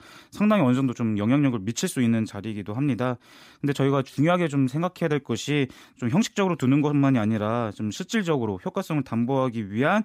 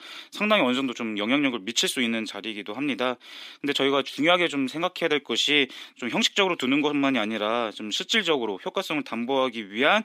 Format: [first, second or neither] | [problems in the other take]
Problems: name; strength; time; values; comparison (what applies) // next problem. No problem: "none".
first | thin; very slightly; fading below 300 Hz